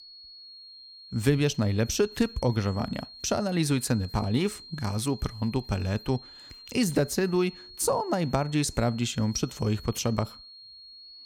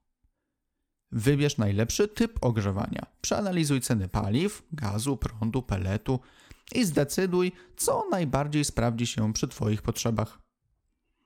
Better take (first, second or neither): second